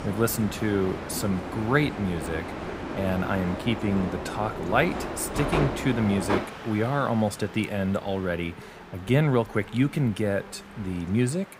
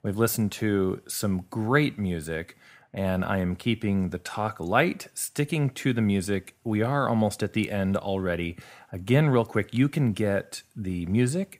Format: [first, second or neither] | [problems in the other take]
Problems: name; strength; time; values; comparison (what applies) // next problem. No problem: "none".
second | train or aircraft noise; loud; throughout; 7 dB below the speech